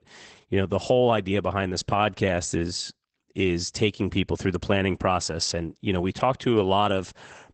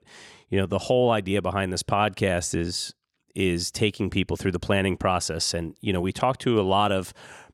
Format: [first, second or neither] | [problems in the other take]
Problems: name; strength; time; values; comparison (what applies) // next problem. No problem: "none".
second | garbled, watery; badly; nothing above 8 kHz